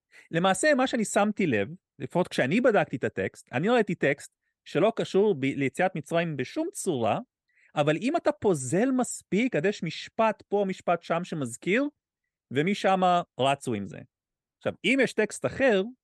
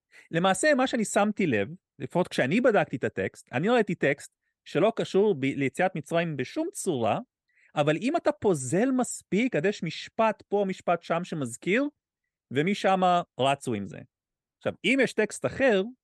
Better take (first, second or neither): neither